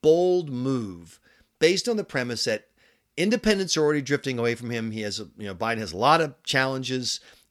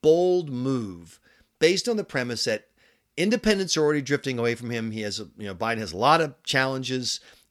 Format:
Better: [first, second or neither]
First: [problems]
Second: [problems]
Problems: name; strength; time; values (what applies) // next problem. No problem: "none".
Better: neither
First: none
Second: none